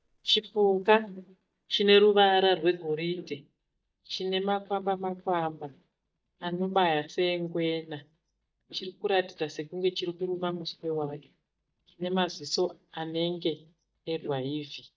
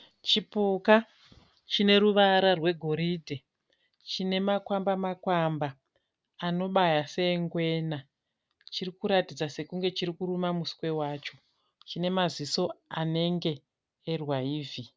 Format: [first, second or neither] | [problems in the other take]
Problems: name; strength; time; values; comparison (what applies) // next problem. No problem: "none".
second | noise reduction (neural mask model DeepFilterNet 3)